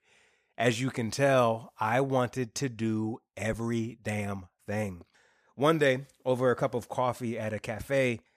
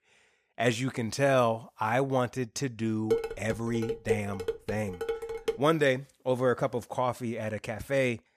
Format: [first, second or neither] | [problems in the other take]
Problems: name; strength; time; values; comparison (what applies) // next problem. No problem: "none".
first | clattering dishes; noticeable; from 3 to 5.5 s; peak 1 dB below the speech